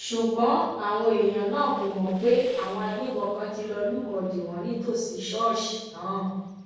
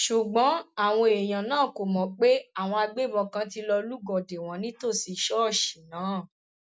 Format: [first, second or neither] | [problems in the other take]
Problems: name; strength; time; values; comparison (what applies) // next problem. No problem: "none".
second | noise reduction (neural separator model SepFormer DNS4)